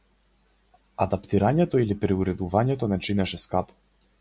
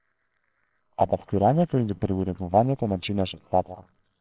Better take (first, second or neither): first